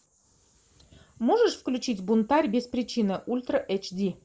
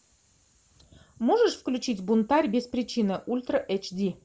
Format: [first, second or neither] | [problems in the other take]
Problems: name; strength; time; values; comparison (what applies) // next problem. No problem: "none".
second | noise reduction (neural mask model Resemble Enhance denoiser)